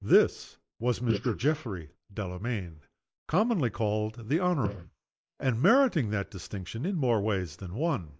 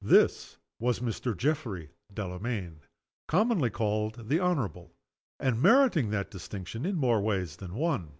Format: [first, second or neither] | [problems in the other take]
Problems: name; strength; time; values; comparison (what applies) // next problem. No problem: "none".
second | noise reduction (neural mask model Resemble Enhance denoiser)